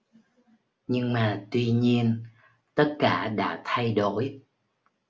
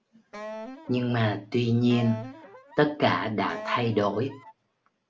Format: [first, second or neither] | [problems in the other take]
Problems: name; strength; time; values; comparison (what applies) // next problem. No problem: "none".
first | background sound (Wind instrument, woodwind instrument); 15 dB below the speech